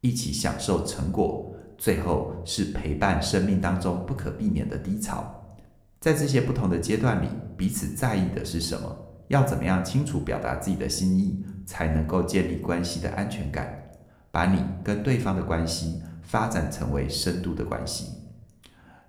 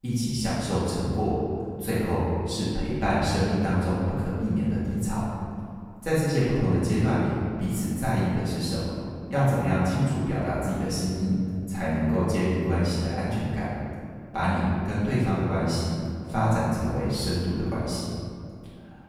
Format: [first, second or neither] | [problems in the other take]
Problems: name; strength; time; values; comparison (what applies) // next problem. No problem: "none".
first | room echo; strong; dies away in 2.3 s; slight in the first // off-mic speech; far